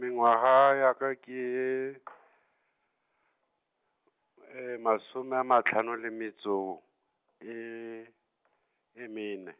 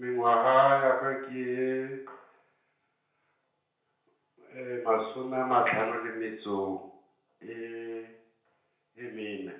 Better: first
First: none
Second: room echo; dies away in 0.5 s

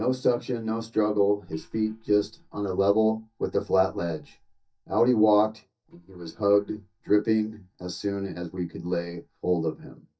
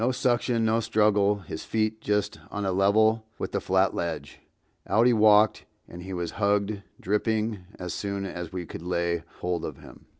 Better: second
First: noise reduction (neural mask model DeepFilterNet 3)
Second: none

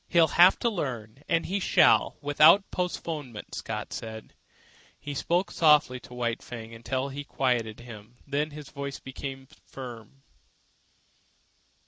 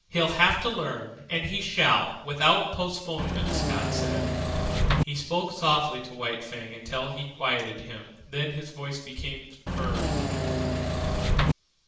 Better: first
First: none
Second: background sound (Engine / Mechanisms); 4 dB above the speech // room echo; dies away in 0.7 s

